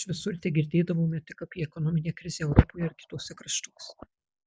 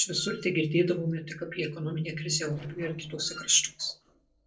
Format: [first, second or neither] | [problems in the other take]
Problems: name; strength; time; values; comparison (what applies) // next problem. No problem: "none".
first | noise reduction (neural separator model SepFormer DNS4)